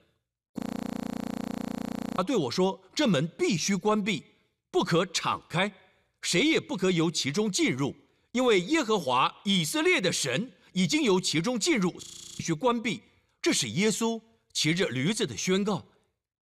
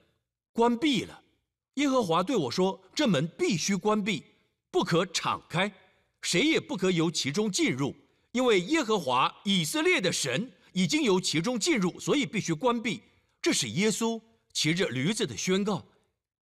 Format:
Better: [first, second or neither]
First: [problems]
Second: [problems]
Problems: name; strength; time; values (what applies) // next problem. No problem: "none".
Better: second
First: audio freezing; at 0.5 s for 1.5 s and at 12 s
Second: none